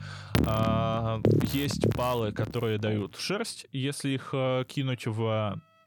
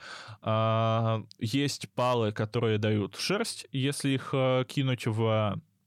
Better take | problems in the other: second | background music; very loud; throughout; 1 dB above the speech

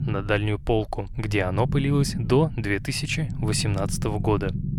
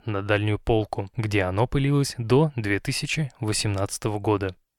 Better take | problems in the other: second | low rumble; noticeable; throughout; 15 dB below the speech

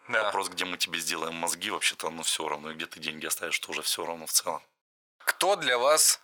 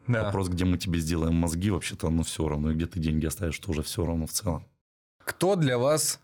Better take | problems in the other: second | thin; very; fading below 850 Hz

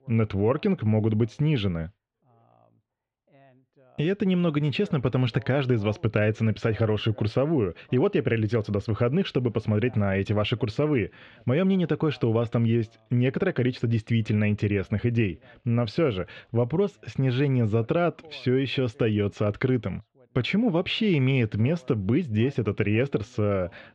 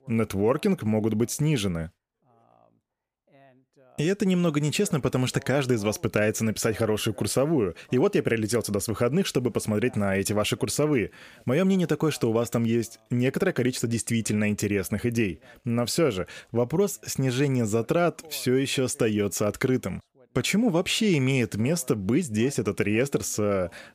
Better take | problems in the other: second | muffled; slightly; fading above 3.5 kHz

